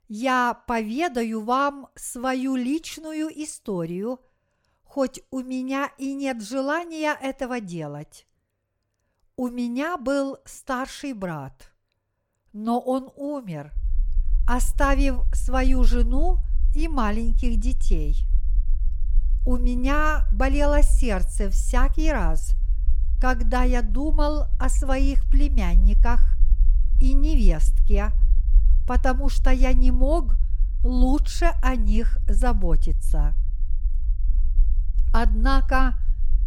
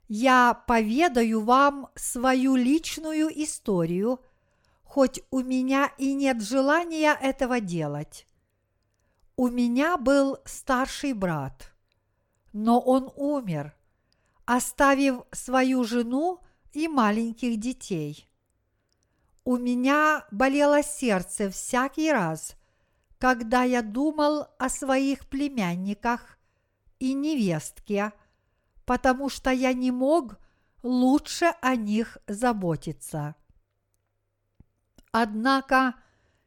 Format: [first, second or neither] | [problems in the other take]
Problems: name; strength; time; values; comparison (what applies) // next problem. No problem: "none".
second | low rumble; faint; from 14 s on; 25 dB below the speech